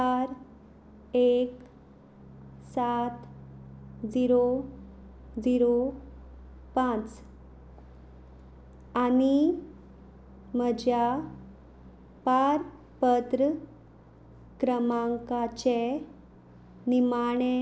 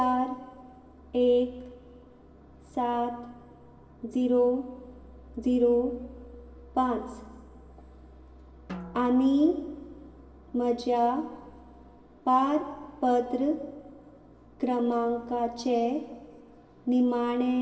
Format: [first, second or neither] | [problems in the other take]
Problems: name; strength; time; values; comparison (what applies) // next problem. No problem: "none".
first | background sound (Drum); 17 dB below the speech // room echo; dies away in 2.1 s